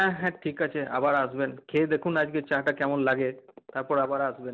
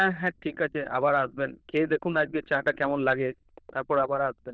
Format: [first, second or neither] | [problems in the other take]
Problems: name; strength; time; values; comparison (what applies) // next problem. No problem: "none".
first | noise reduction (neural diffusion model UNIVERSE++)